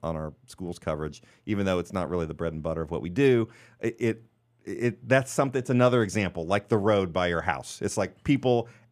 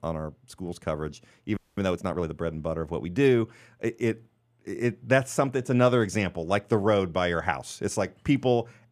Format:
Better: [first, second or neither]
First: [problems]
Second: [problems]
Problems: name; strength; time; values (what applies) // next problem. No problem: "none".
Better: first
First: none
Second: audio freezing; at 1.5 s